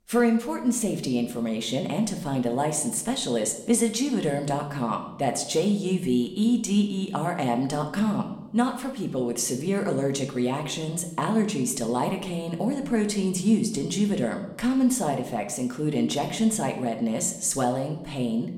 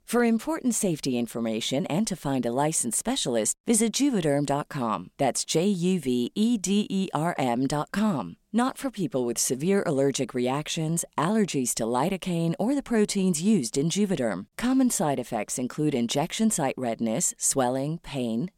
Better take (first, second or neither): second